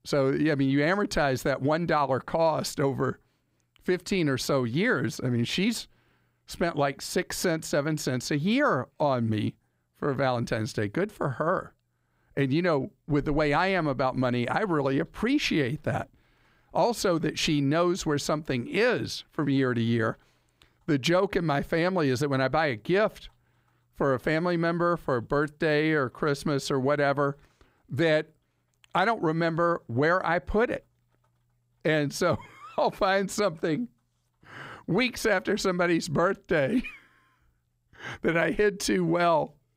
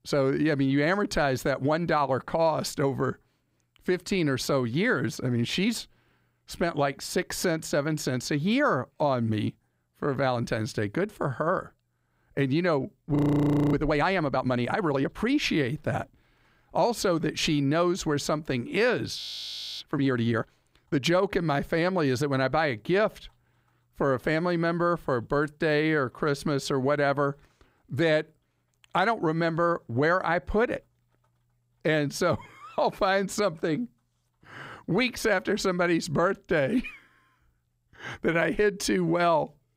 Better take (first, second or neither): first